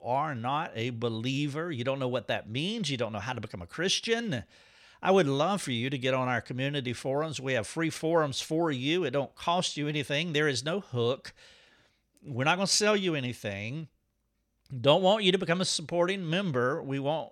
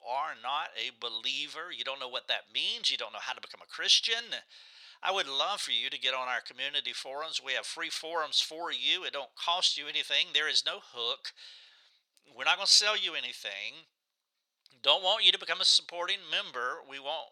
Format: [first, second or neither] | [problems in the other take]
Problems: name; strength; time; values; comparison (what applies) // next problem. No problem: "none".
first | thin; very; fading below 950 Hz